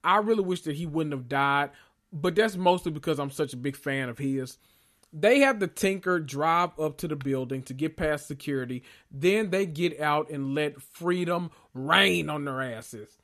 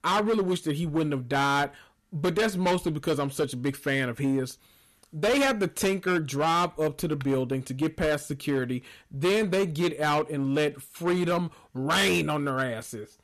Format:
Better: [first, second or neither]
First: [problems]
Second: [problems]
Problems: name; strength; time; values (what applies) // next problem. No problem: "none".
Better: first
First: none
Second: distortion; heavy; 12% of the sound clipped